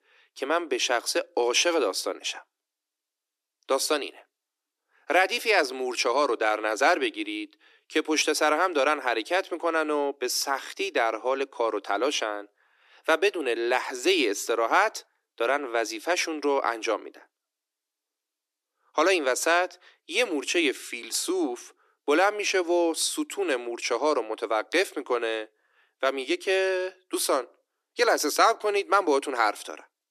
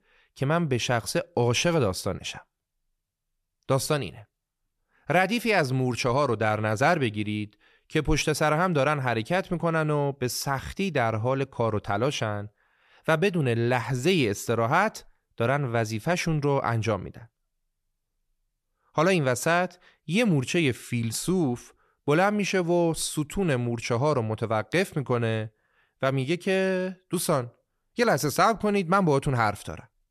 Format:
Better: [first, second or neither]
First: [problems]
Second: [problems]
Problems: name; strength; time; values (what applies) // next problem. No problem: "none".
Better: second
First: thin; somewhat; fading below 300 Hz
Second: none